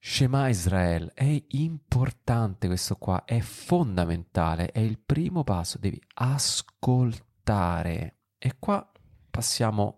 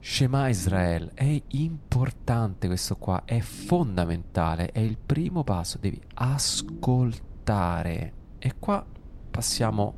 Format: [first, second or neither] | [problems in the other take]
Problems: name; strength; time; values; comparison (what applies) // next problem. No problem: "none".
first | low rumble; faint; throughout; 20 dB below the speech